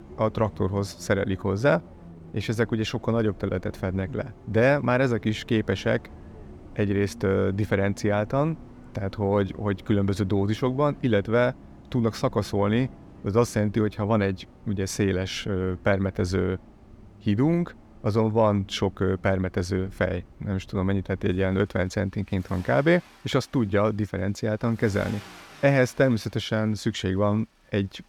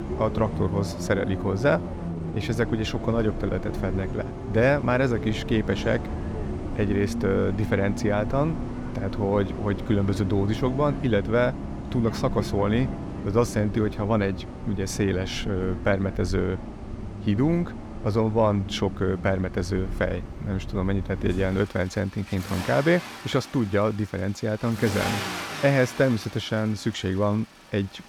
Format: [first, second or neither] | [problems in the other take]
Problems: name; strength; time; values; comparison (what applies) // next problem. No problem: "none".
first | traffic noise; loud; throughout; 8 dB below the speech; faint in the first